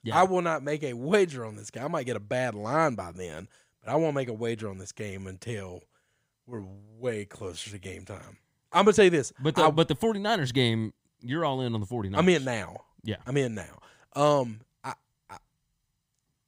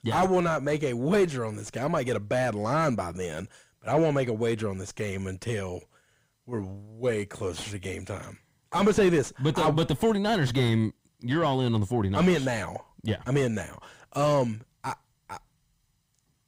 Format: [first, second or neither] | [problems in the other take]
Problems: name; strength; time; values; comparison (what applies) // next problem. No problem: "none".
first | distortion; heavy; 5 dB below the speech